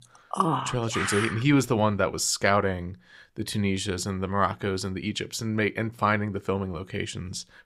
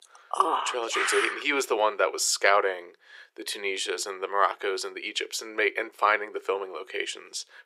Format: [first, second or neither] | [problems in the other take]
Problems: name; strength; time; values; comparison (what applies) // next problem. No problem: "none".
first | thin; very; fading below 400 Hz